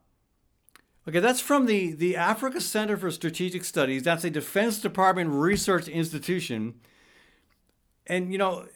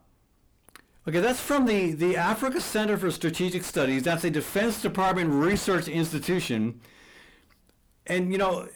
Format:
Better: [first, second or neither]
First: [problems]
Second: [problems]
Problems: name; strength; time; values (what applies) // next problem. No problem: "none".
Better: first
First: none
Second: distortion; heavy; 7 dB below the speech